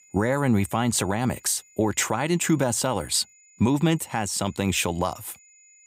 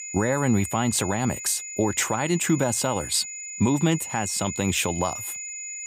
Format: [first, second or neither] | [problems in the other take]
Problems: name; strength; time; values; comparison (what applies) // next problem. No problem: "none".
first | high-pitched whine; loud; throughout; 7 kHz, 8 dB below the speech; faint in the first